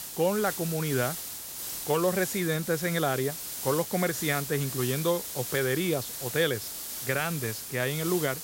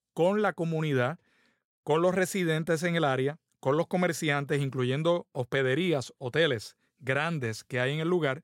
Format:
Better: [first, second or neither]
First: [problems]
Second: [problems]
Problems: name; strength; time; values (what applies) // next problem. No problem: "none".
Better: second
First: hiss; loud; throughout; 5 dB below the speech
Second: none